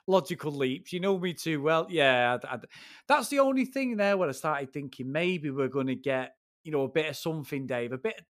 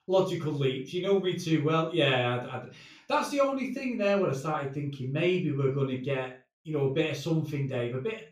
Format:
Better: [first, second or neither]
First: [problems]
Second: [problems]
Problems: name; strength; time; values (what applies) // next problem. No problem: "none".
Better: first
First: none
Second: room echo; slight; dies away in 0.3 s // off-mic speech; far